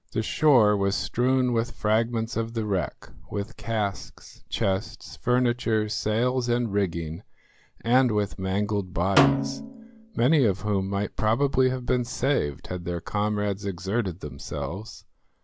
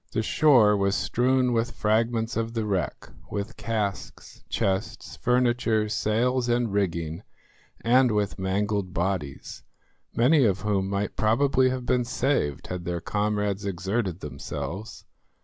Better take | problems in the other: second | background sound (Snare drum); 3 dB below the speech

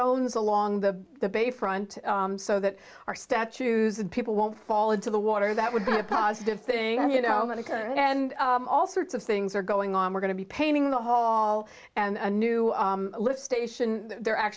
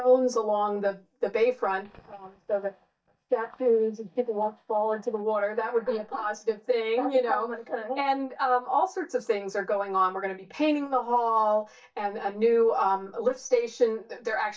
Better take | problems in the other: first | noise reduction (neural mask model DeepFilterNet 3)

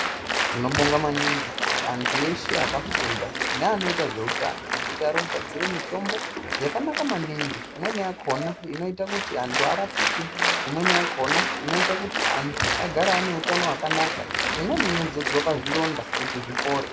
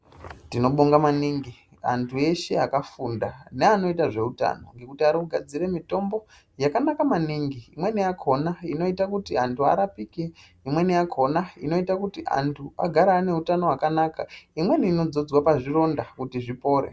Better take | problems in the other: second | background sound (Applause); 1 dB above the speech

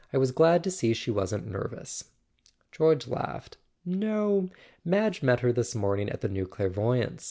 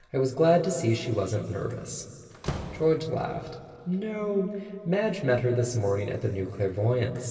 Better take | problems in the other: first | background sound (Slam); 18 dB below the speech // room echo; dies away in 2.9 s

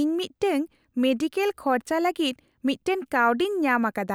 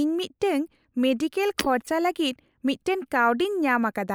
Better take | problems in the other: first | noise reduction (neural mask model Resemble Enhance denoiser)

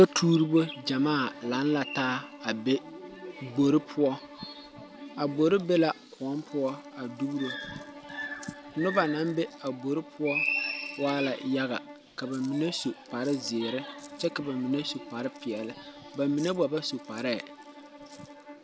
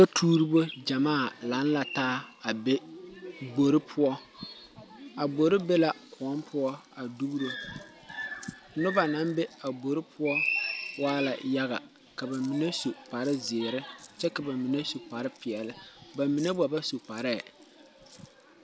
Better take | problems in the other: second | background sound (Bowed string instrument); 18 dB below the speech

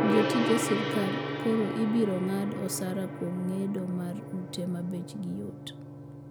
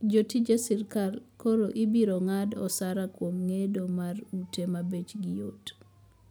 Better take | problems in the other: second | background sound (Gong); 3 dB below the speech

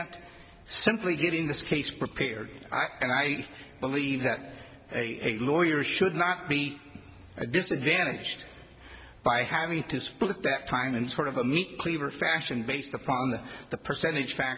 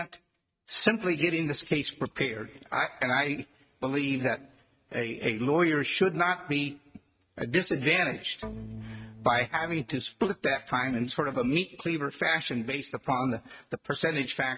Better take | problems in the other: first | noise reduction (neural mask model RNNoise)

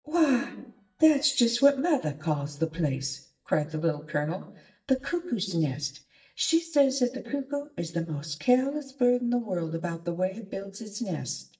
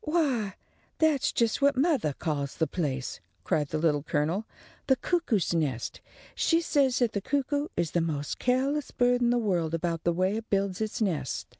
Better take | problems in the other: second | noise reduction (neural mask model DeepFilterNet 3)

